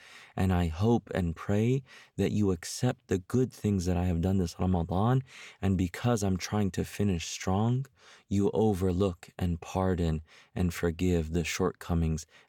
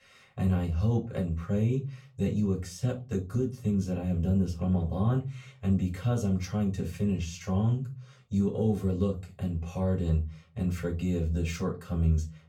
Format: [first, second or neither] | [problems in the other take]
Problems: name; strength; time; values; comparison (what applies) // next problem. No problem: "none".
first | off-mic speech; far // room echo; very slight; dies away in 0.3 s